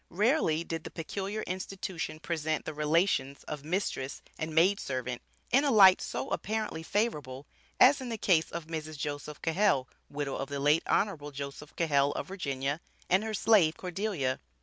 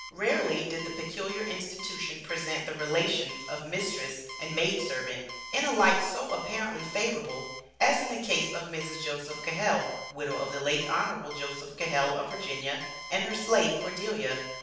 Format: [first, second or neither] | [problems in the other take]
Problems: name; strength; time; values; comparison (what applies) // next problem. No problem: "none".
first | background sound (Alarm); 12 dB below the speech // room echo; dies away in 0.7 s